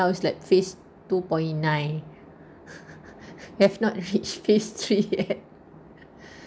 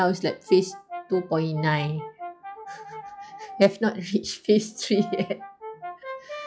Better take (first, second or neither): first